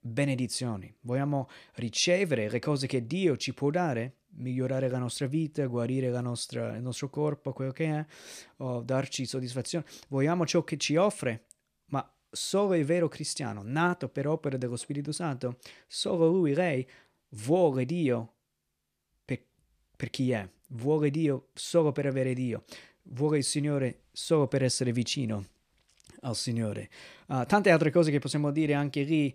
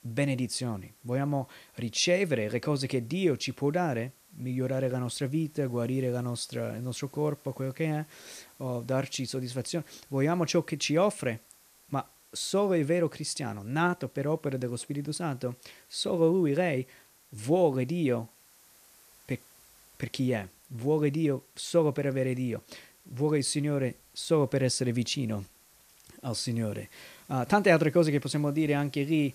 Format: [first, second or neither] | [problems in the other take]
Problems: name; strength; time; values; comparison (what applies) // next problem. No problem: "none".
first | hiss; faint; throughout; 25 dB below the speech